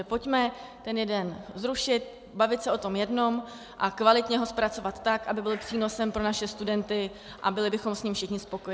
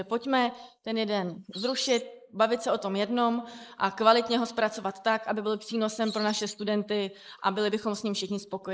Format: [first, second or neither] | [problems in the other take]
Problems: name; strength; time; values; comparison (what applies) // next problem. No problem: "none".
first | noise reduction (neural mask model Resemble Enhance denoiser)